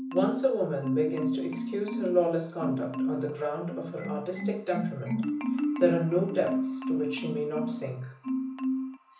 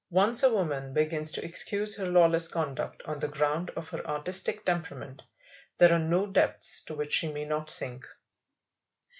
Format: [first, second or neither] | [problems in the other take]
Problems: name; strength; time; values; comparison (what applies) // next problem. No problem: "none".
second | background sound (Marimba, xylophone); 1 dB below the speech // room echo; dies away in 0.7 s